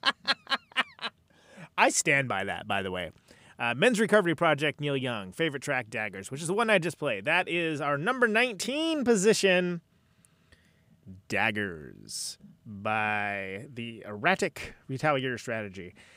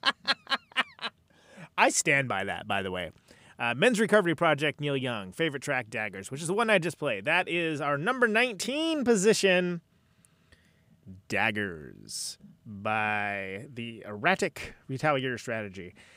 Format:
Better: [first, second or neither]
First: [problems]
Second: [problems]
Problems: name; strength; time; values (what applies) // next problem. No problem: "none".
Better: neither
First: none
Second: none